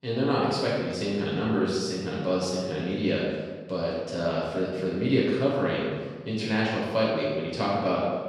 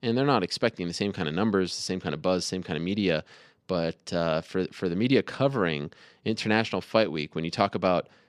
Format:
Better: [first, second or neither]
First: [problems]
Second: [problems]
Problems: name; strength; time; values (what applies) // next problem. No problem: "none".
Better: second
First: room echo; strong; dies away in 1.2 s // off-mic speech; far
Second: none